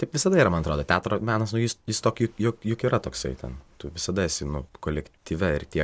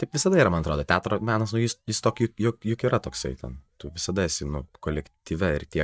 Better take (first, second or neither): first